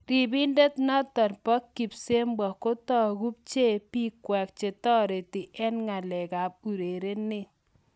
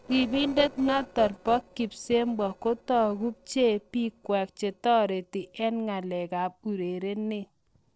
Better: first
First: none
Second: noise reduction (neural separator model SepFormer DNS4)

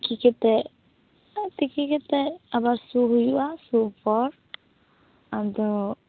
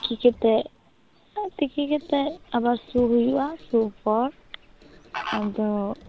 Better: first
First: none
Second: background sound (Squeak + Fowl); 17 dB below the speech

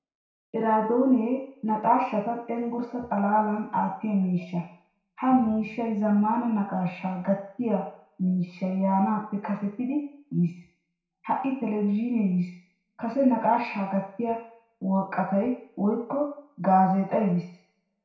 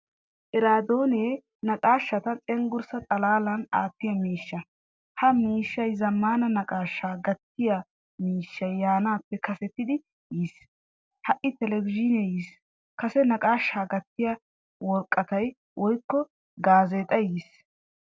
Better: second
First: room echo; dies away in 0.6 s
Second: none

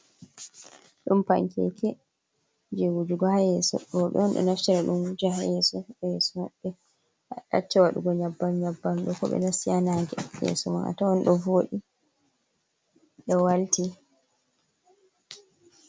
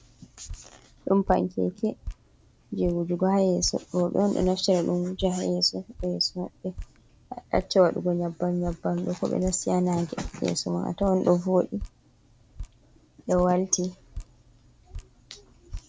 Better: first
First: none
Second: background sound (Drip); 16 dB below the speech

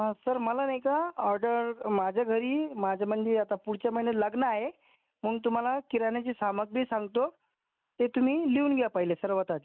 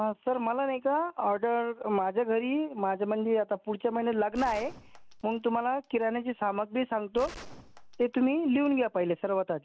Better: first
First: none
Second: background sound (Gunshot, gunfire); 20 dB below the speech

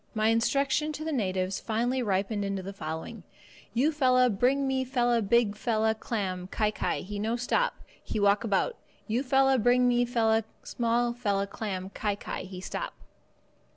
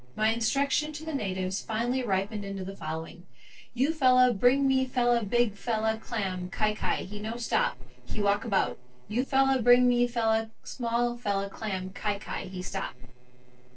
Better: first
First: none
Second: noise reduction (neural separator model SepFormer DNS4)

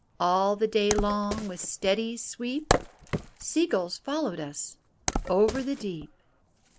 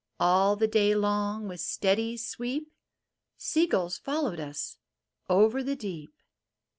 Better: second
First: background sound (Wood); 6 dB below the speech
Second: none

